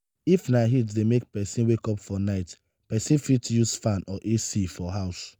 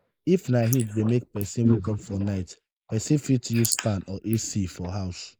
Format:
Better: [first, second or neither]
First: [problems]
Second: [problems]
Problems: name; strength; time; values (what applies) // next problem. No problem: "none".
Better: first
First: none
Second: noise reduction (neural mask model Resemble Enhance denoiser)